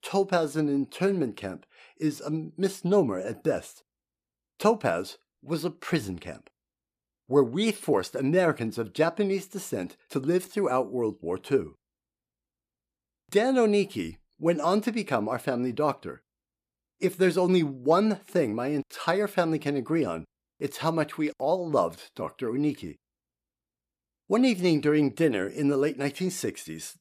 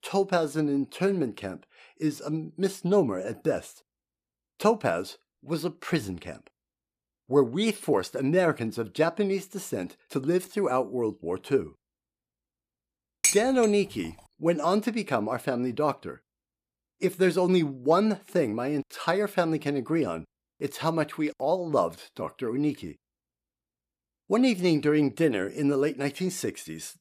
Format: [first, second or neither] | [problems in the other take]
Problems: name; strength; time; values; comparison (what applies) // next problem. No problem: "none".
first | clattering dishes; loud; at 13 s; peak 3 dB above the speech